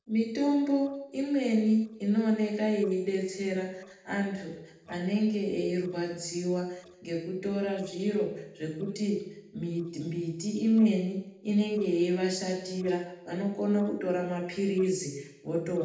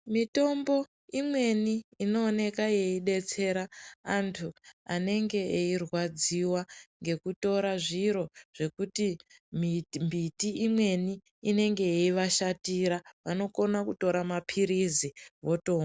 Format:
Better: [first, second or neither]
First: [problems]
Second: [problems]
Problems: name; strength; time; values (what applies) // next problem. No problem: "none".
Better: second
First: noise reduction (neural separator model SepFormer DNS4)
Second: none